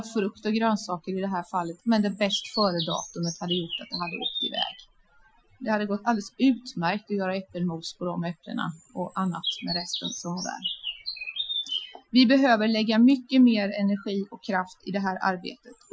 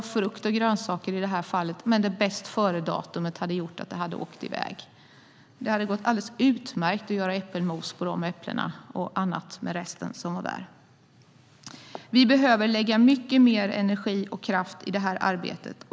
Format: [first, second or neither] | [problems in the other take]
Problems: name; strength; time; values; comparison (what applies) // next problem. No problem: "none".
second | noise reduction (classical method Wiener filter)